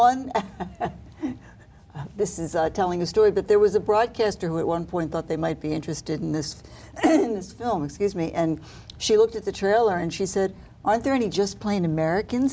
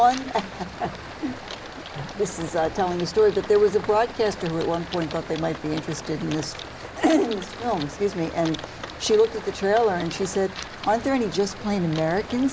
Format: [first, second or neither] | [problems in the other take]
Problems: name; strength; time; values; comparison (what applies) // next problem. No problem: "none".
first | background sound (Typing + Stream); 13 dB below the speech